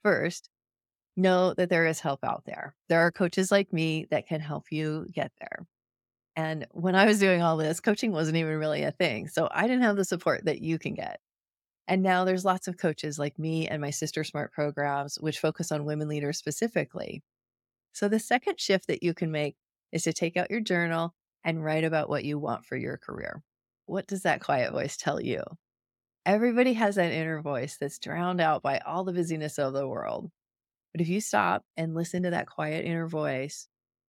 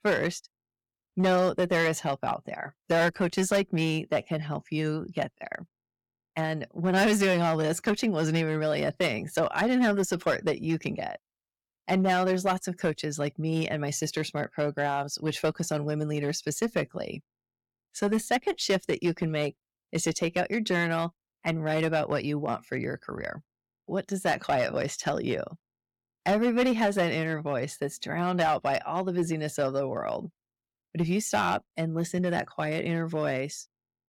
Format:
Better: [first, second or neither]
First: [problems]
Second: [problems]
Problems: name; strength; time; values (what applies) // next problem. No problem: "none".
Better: first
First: none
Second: distortion; slight; 4% of the sound clipped